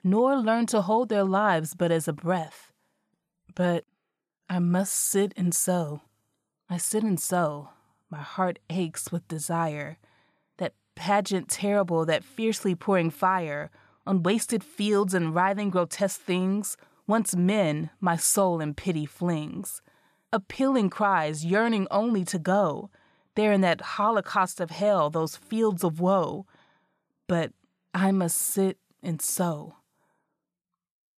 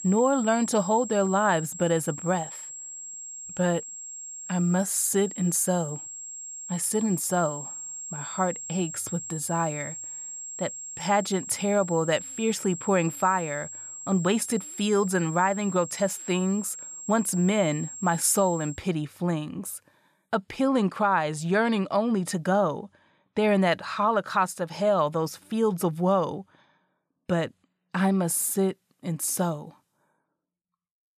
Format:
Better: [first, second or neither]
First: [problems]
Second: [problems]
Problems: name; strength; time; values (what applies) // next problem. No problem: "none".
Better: first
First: none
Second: high-pitched whine; loud; until 19 s; 7.5 kHz, 10 dB below the speech